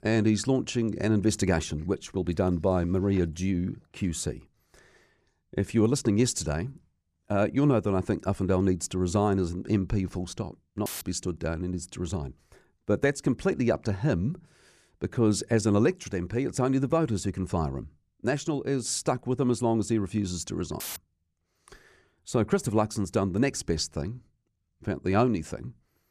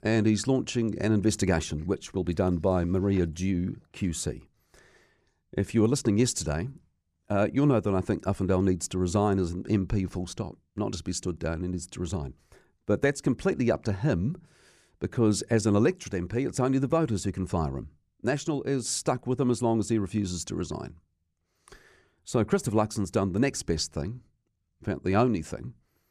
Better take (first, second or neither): second